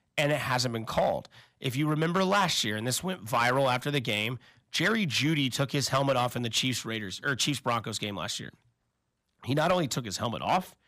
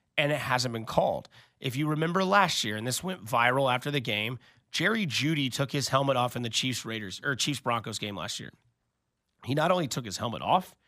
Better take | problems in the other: second | distortion; slight; 3% of the sound clipped

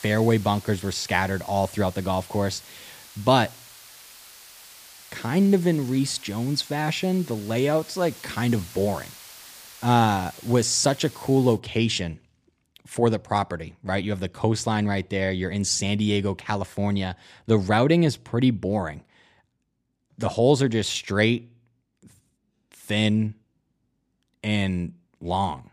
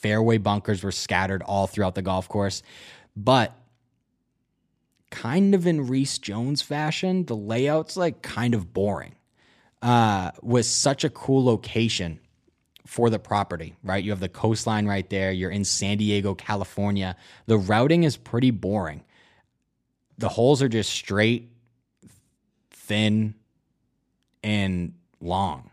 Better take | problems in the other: second | hiss; noticeable; until 12 s; 20 dB below the speech

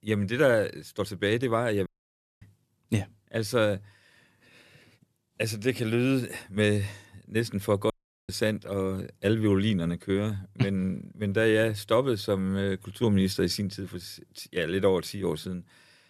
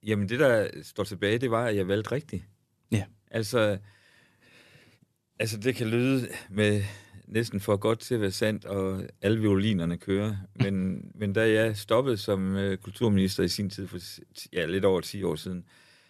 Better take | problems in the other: second | audio cutting out; at 2 s for 0.5 s and at 8 s

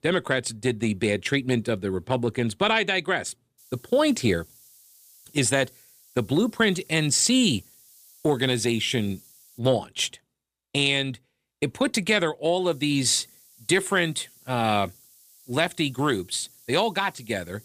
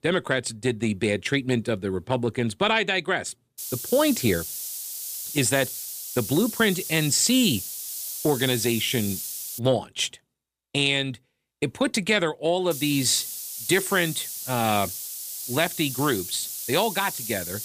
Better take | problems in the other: first | hiss; loud; from 3.5 to 9.5 s and from 13 s on; 7 dB below the speech; faint in the first

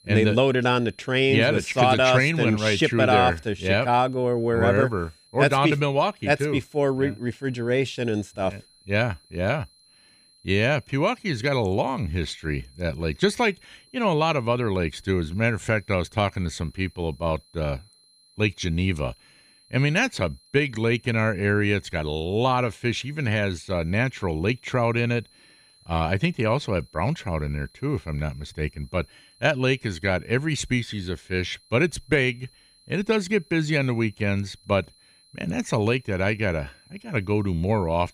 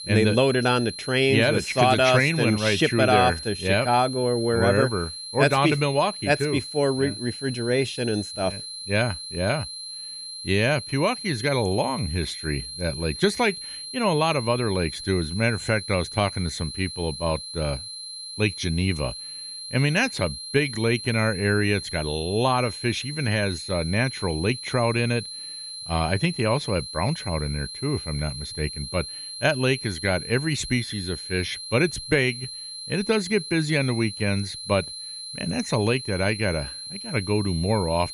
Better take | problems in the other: first | high-pitched whine; loud; throughout; 4 kHz, 9 dB below the speech; faint in the first

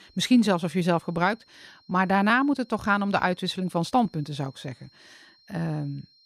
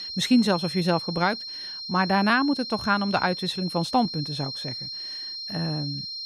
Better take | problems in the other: first | high-pitched whine; loud; throughout; 4 kHz, 7 dB below the speech; faint in the first

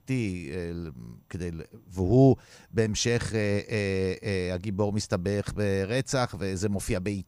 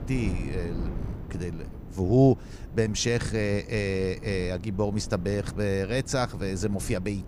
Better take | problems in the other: first | wind noise on the microphone; occasional gusts; 15 dB below the speech

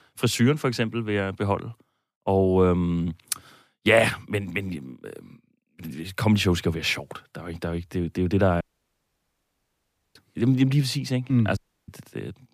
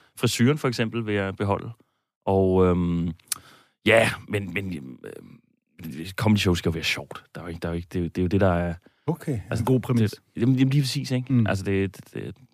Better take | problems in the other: second | audio cutting out; at 8.5 s for 1.5 s and at 12 s

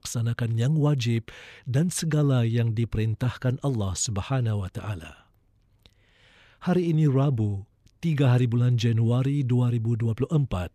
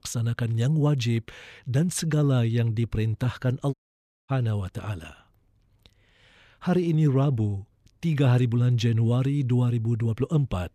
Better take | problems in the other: first | audio cutting out; at 3.5 s for 0.5 s

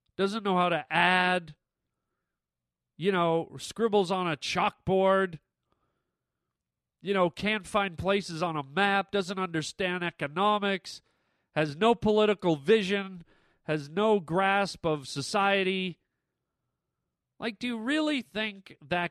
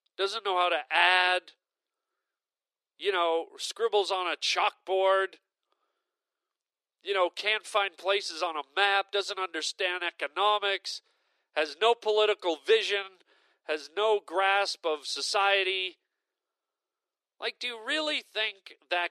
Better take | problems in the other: first | thin; very; fading below 350 Hz

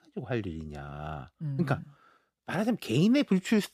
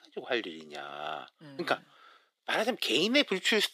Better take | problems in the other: first | thin; somewhat; fading below 350 Hz

